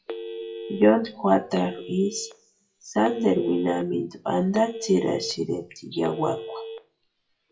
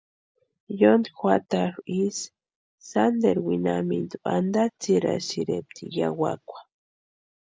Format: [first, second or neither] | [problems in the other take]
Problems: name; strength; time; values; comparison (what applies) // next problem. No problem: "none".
second | noise reduction (classical method WPE with log-MMSE)